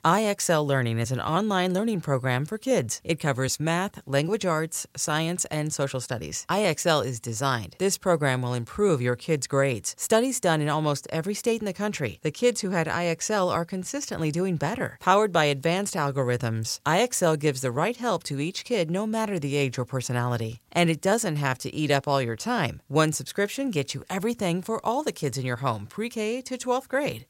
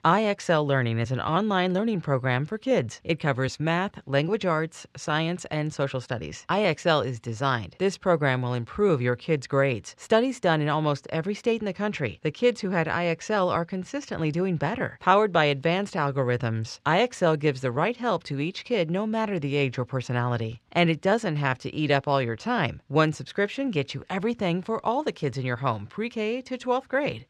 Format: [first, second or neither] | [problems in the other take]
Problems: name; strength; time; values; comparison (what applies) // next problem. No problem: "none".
first | muffled; slightly; fading above 3 kHz